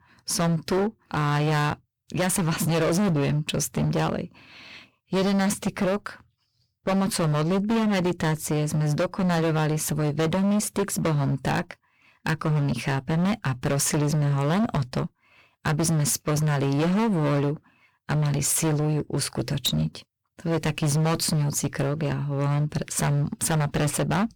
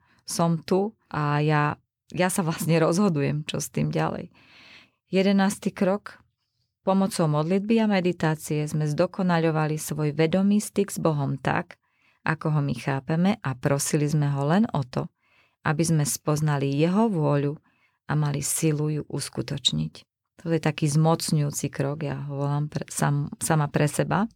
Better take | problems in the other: second | distortion; heavy; 23% of the sound clipped

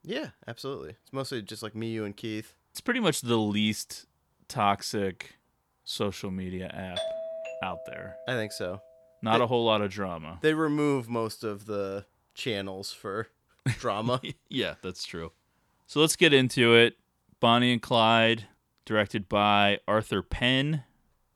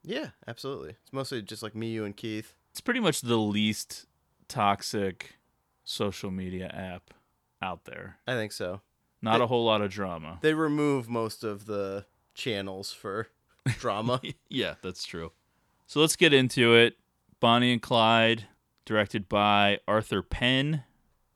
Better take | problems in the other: second | doorbell; noticeable; from 7 to 8.5 s; peak 6 dB below the speech

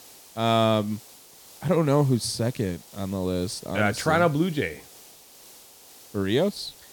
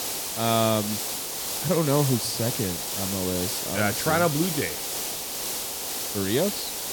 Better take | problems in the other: first | hiss; loud; throughout; 2 dB below the speech; faint in the first

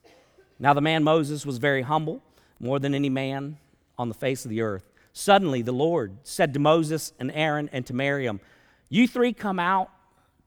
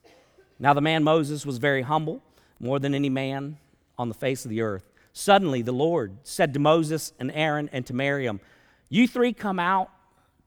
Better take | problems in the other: neither | none

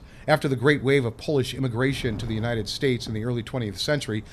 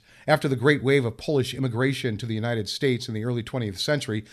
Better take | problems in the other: second | wind noise on the microphone; occasional gusts; 25 dB below the speech

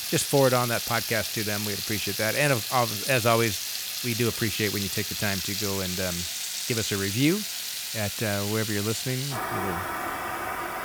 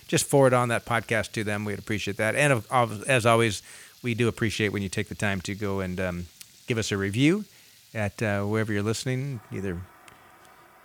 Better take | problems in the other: second | household noises; loud; throughout; 2 dB below the speech; faint in the second

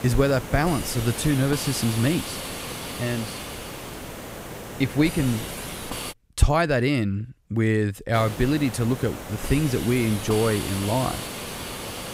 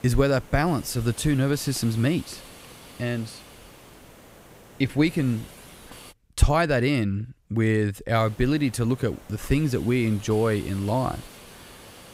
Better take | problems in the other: second | hiss; loud; until 6 s and from 8 s on; 9 dB below the speech; faint in the second

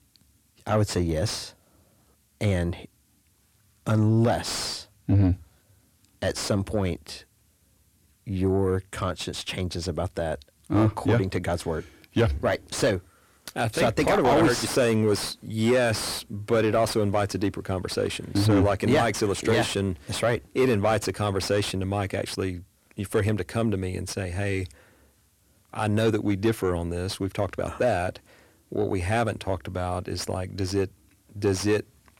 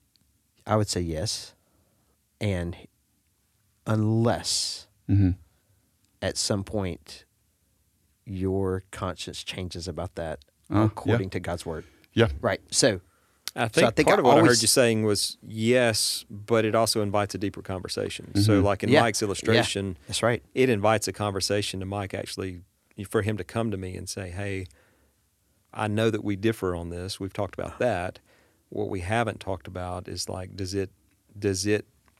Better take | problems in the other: second | distortion; heavy; 7 dB below the speech

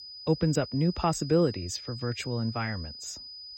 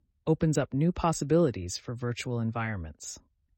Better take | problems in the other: second | high-pitched whine; noticeable; throughout; 5 kHz, 10 dB below the speech

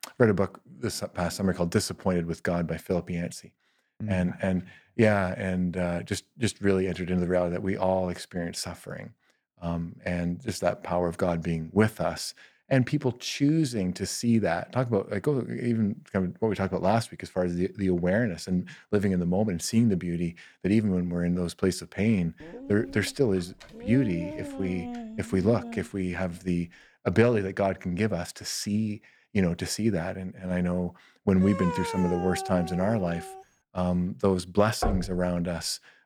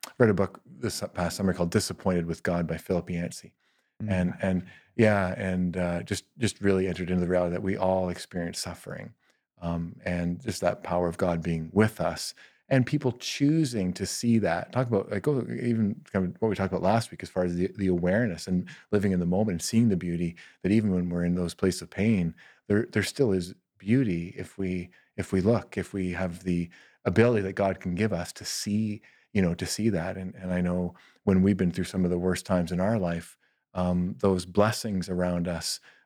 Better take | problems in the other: second | dog barking; noticeable; from 22 to 26 s and from 31 to 33 s; peak 5 dB below the speech // door banging; noticeable; at 35 s; peak 3 dB below the speech

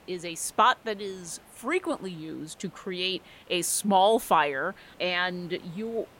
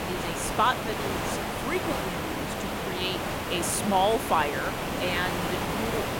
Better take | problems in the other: first | hiss; loud; throughout; 1 dB below the speech; faint in the first

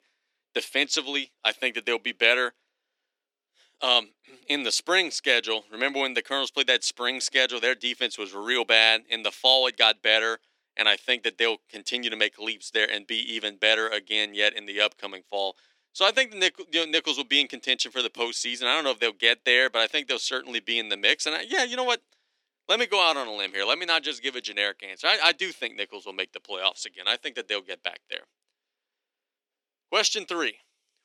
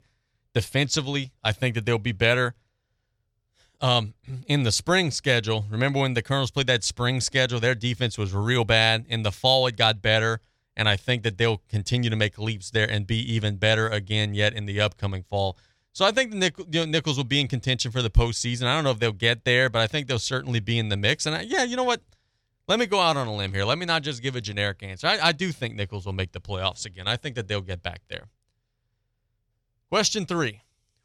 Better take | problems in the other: second | thin; very; fading below 300 Hz

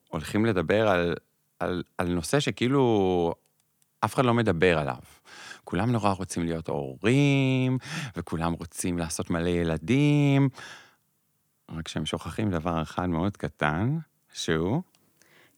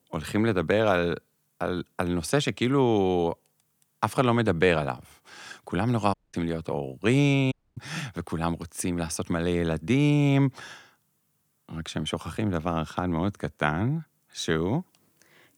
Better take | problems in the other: first | audio cutting out; at 6 s and at 7.5 s

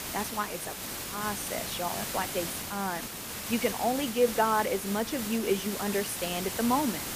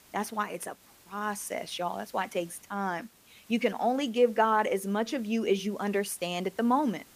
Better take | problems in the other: second | hiss; loud; throughout; 4 dB below the speech; faint in the second

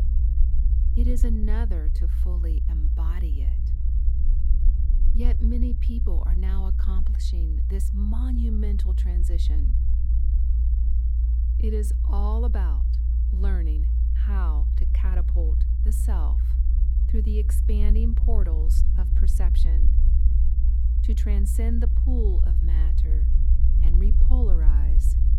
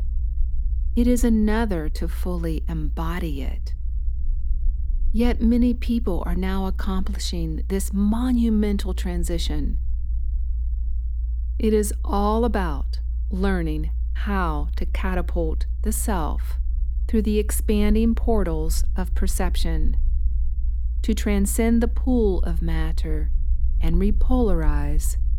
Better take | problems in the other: second | low rumble; loud; throughout; 3 dB below the speech; faint in the second

